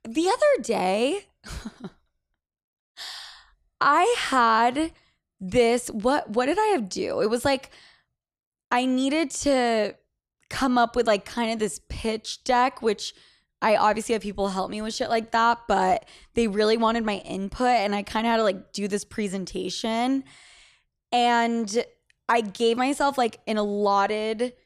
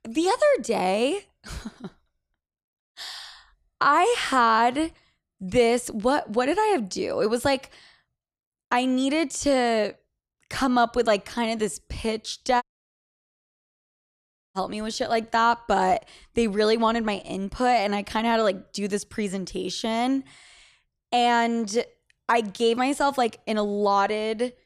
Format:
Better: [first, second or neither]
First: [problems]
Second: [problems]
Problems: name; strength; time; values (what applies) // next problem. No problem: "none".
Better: first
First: none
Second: audio cutting out; at 13 s for 2 s